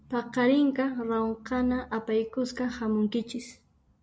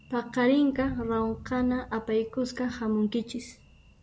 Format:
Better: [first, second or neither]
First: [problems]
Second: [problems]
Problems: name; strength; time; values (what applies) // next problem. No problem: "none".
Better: first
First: none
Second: background sound (Thunder); 19 dB below the speech